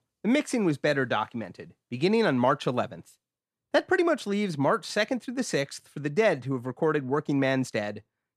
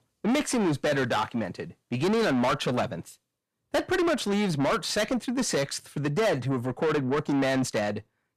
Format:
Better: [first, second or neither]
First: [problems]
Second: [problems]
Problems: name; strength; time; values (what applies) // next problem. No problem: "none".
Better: first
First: none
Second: distortion; heavy; 7 dB below the speech